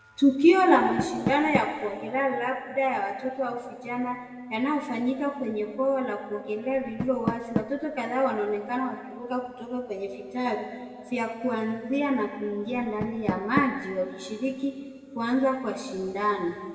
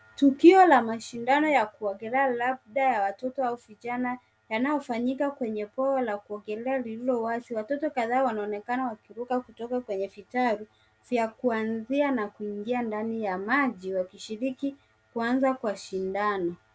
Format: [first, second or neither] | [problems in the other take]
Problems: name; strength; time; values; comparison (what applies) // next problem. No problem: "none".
second | background sound (Door); 12 dB below the speech // room echo; dies away in 2.1 s